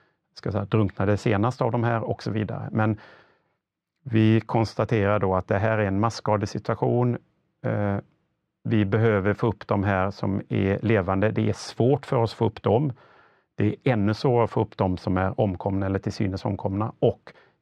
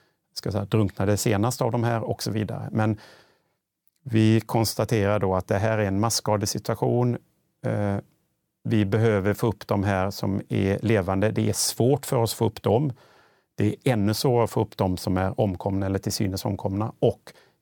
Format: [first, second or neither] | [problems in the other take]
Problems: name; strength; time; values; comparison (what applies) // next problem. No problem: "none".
second | muffled; slightly; fading above 2.5 kHz